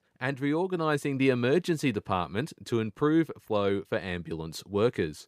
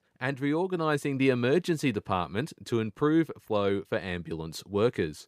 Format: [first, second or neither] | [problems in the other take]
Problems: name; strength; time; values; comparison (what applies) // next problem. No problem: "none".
neither | none